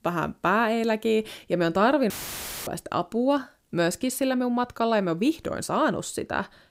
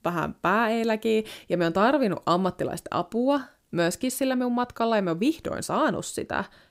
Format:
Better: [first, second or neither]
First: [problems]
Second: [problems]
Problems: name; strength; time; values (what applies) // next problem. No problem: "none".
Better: second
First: audio cutting out; filled with static; at 2 s for 0.5 s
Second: none